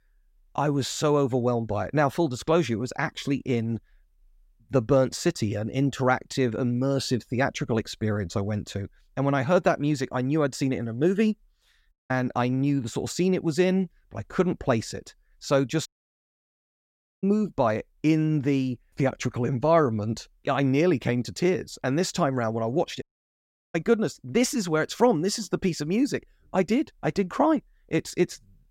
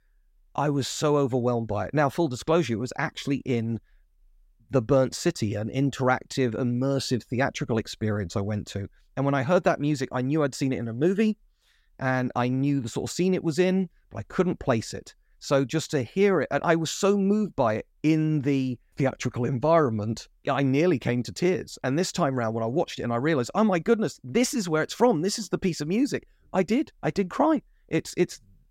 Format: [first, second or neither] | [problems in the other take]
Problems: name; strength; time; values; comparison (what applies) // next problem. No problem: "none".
second | audio cutting out; at 12 s, at 16 s for 1.5 s and at 23 s for 0.5 s